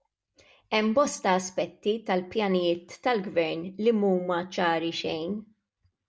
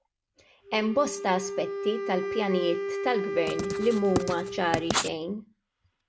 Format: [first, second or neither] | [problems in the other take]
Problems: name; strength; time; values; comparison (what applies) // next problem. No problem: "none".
first | background sound (Writing + Wind instrument, woodwind instrument); 4 dB below the speech